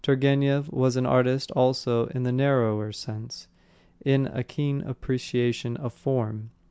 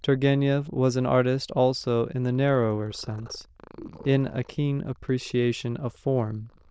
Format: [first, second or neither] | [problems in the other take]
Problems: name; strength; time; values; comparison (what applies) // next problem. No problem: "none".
first | noise reduction (neural diffusion model UNIVERSE++)